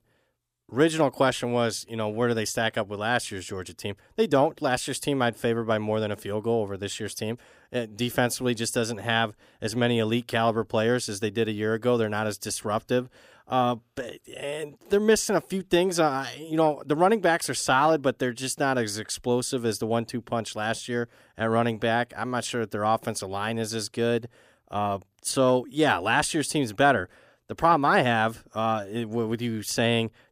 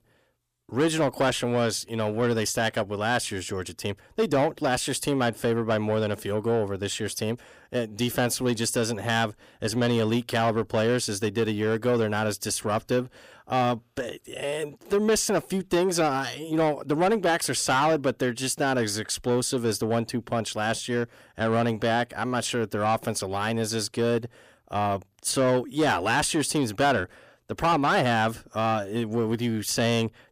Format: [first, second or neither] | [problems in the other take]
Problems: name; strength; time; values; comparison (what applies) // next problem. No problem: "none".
first | distortion; slight; 10 dB below the speech